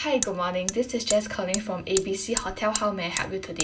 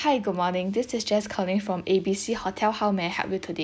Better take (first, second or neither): second